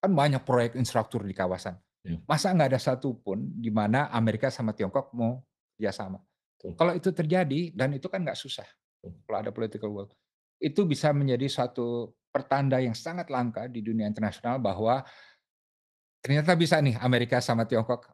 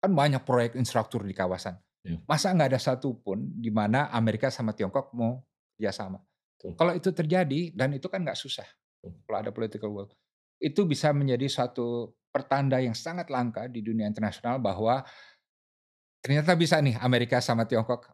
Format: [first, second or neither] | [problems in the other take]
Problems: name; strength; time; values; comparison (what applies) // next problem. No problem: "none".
second | garbled, watery; slightly; nothing above 13.5 kHz